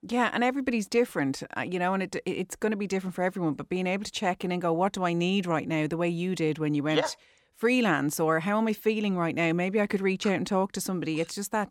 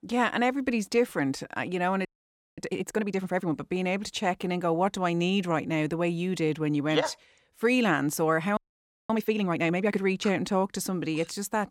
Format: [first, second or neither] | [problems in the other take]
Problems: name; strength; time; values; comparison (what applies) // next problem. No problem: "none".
first | audio freezing; at 2 s for 0.5 s and at 8.5 s for 0.5 s